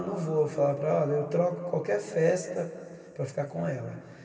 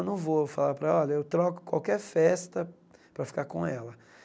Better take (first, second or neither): second